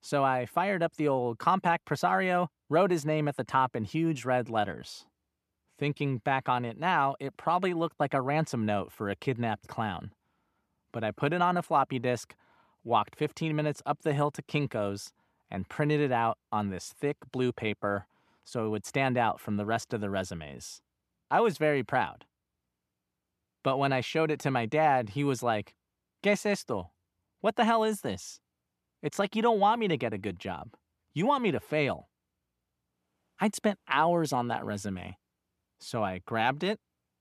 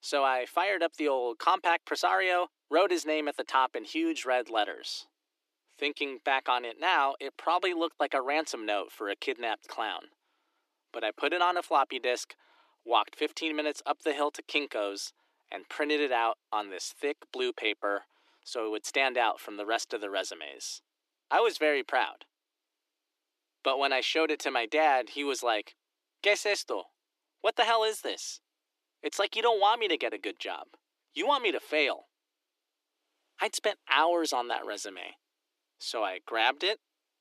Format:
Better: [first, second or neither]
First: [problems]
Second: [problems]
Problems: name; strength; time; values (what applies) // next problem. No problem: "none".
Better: first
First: none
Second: thin; somewhat; fading below 300 Hz